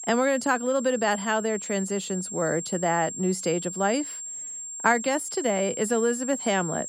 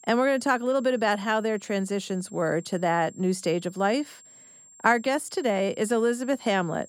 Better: second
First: high-pitched whine; loud; throughout; 7.5 kHz, 7 dB below the speech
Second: high-pitched whine; faint; throughout; 7.5 kHz, 25 dB below the speech

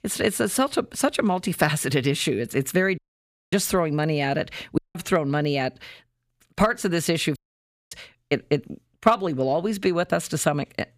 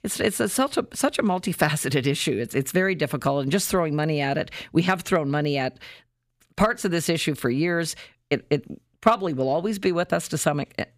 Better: second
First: audio cutting out; at 3 s for 0.5 s, at 5 s and at 7.5 s for 0.5 s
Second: none

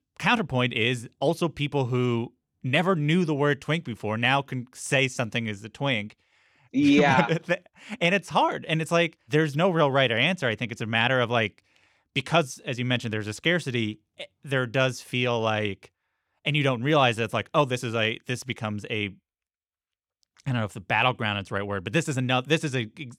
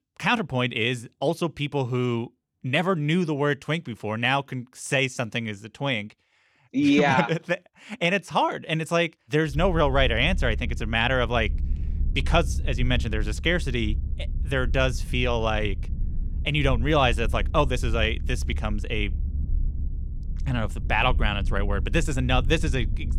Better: first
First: none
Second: low rumble; faint; from 9.5 s on; 20 dB below the speech

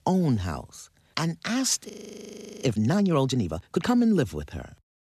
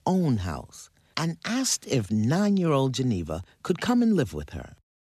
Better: second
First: audio freezing; at 2 s for 0.5 s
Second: none

